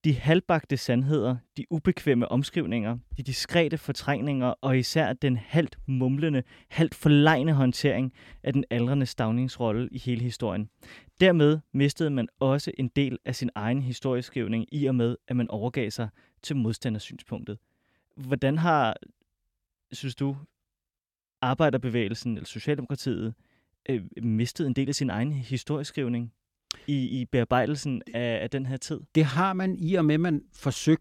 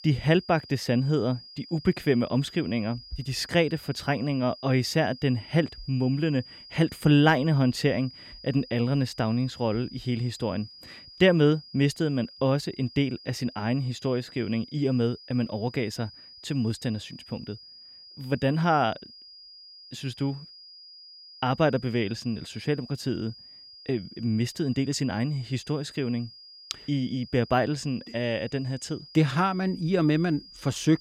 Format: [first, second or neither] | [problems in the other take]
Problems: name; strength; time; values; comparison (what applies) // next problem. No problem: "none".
first | high-pitched whine; noticeable; throughout; 5 kHz, 20 dB below the speech